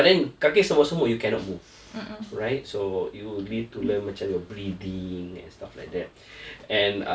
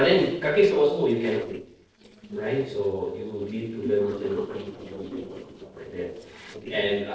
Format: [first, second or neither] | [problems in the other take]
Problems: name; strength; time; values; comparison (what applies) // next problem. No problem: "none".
first | noise reduction (neural separator model SepFormer DNS4)